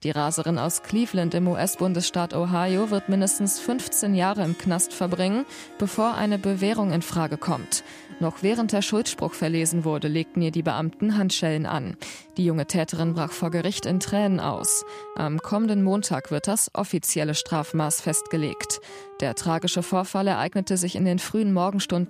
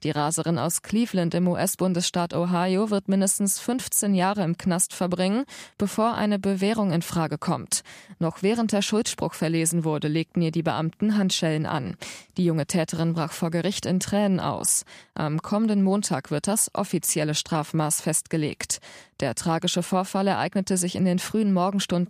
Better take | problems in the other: second | background music; noticeable; throughout; 20 dB below the speech

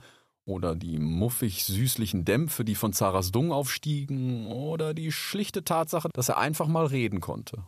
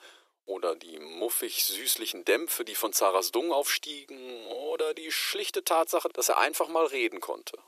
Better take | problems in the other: first | thin; very; fading below 350 Hz

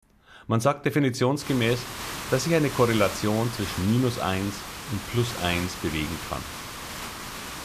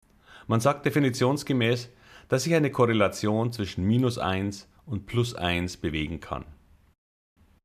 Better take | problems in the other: second | hiss; loud; from 1.5 s on; 9 dB below the speech

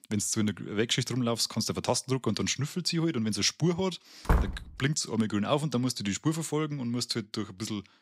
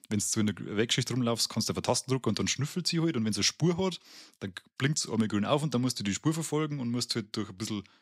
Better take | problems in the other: second | door banging; loud; at 4.5 s; peak level with the speech

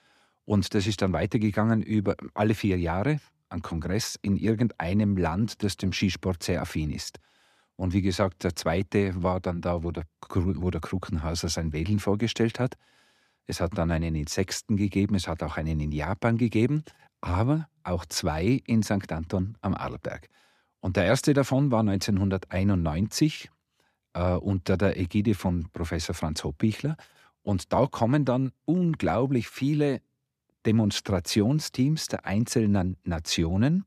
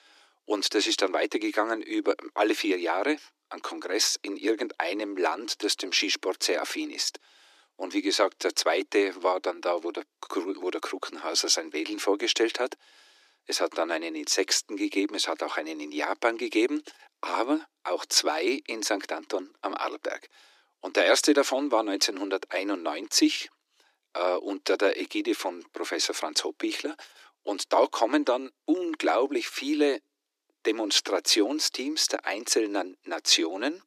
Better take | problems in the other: first | thin; very; fading below 300 Hz

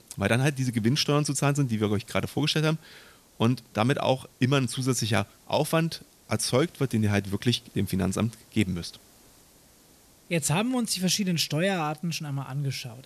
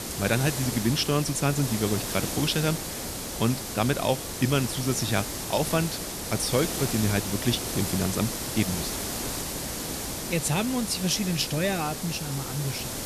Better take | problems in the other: first | hiss; loud; throughout; 4 dB below the speech; faint in the first

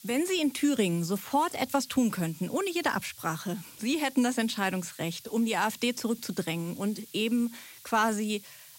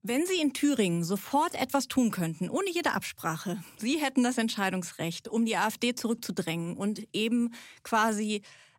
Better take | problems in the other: second | hiss; noticeable; throughout; 20 dB below the speech

